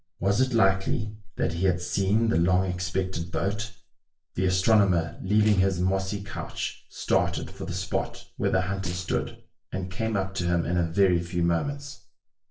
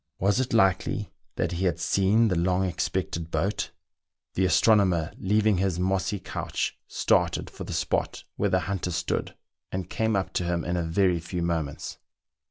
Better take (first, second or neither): second